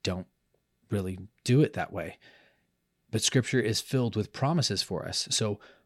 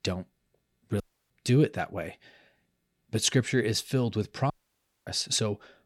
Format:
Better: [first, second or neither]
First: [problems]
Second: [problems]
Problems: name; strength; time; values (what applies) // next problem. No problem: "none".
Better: first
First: none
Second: audio cutting out; at 1 s and at 4.5 s for 0.5 s